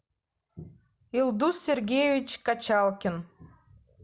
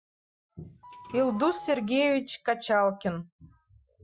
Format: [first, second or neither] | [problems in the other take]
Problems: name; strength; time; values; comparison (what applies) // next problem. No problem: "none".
first | noise reduction (classical method Wiener filter)